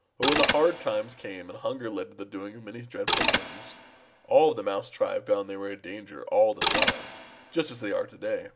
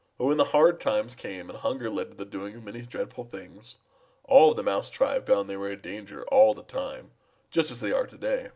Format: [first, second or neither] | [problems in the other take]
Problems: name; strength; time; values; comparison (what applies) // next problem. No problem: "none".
second | background sound (Mechanisms); 2 dB below the speech